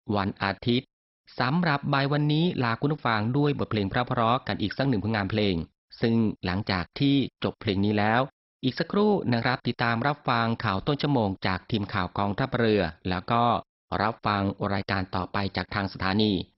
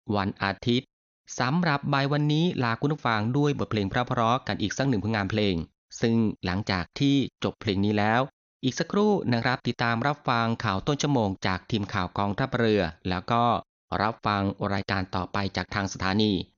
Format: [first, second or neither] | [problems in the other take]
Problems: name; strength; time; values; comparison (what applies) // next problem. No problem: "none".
second | garbled, watery; badly; nothing above 4.5 kHz; slightly in the second